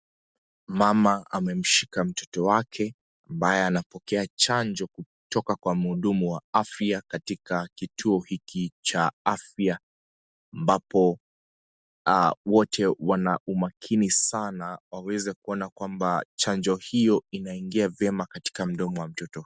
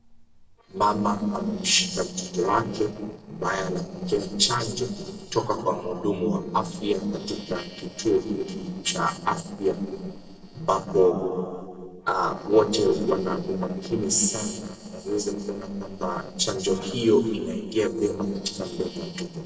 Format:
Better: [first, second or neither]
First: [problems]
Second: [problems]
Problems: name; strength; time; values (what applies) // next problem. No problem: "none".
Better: first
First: none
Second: noise reduction (neural separator model SepFormer DNS4)